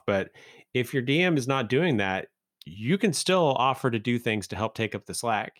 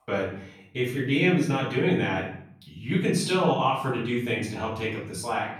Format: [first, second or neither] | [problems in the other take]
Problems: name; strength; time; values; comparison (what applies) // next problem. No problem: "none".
first | off-mic speech; far // room echo; noticeable; dies away in 0.6 s